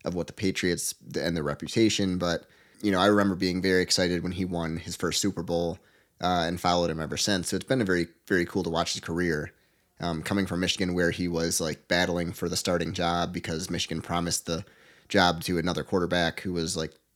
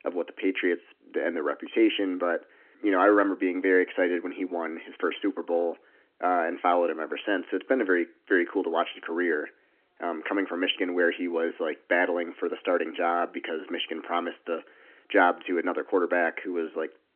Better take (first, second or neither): first